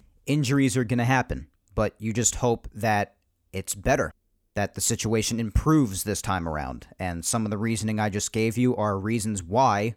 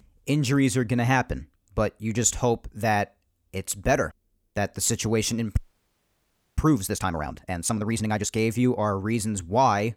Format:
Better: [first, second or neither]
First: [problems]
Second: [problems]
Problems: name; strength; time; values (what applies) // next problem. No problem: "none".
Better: first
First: none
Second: audio freezing; at 5.5 s for 1 s